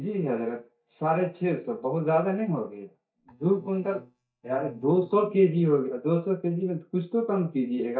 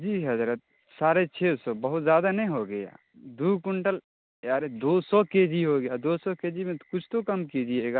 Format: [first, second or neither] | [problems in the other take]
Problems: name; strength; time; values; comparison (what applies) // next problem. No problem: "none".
second | noise reduction (neural mask model DeepFilterNet 3)